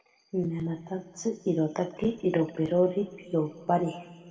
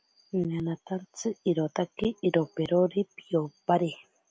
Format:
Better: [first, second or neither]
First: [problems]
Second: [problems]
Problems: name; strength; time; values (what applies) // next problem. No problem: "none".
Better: second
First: room echo; dies away in 2 s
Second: none